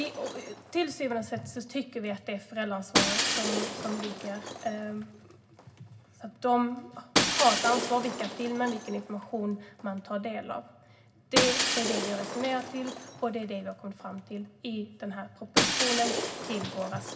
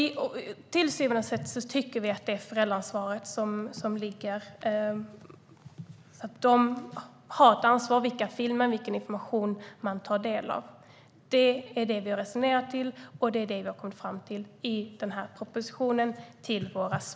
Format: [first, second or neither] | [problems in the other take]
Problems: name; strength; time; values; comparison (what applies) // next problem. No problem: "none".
second | background sound (Shatter); 1 dB below the speech // room echo; dies away in 0.4 s